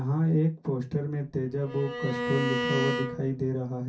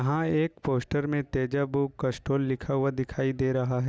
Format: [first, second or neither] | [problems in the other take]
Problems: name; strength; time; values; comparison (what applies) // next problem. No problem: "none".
second | background sound (Bowed string instrument); 4 dB below the speech // room echo; dies away in 0.3 s